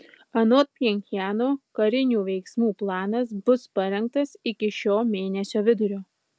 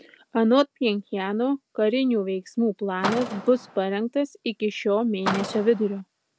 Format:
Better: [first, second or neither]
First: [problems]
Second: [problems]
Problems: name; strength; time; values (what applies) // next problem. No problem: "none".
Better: first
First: none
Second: background sound (Car); 9 dB below the speech